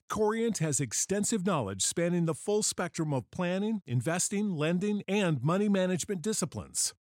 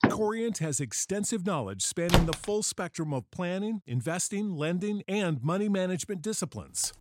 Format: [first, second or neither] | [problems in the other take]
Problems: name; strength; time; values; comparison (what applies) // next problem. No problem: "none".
first | door banging; loud; at the start and at 2 s; peak 4 dB above the speech // keyboard typing; very faint; at 6.5 s; peak 15 dB below the speech